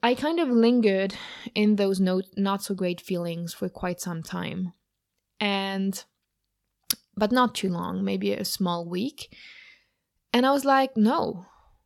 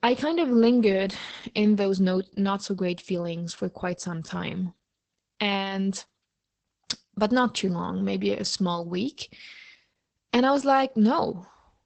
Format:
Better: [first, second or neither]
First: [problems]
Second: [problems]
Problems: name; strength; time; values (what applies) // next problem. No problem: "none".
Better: first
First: none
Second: garbled, watery; badly; nothing above 8 kHz